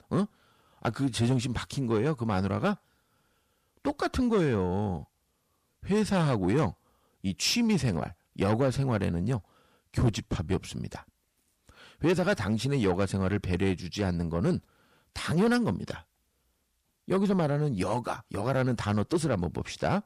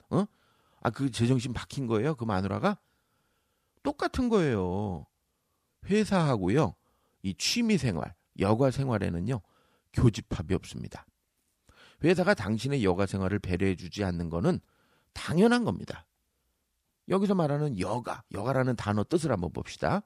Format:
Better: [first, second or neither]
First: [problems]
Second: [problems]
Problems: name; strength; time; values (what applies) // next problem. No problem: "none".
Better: second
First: distortion; slight; 10 dB below the speech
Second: none